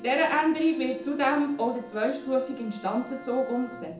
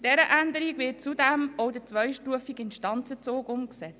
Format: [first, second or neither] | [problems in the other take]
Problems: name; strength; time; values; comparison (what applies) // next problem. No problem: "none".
second | background sound (Bowed string instrument); 17 dB below the speech // room echo; dies away in 0.6 s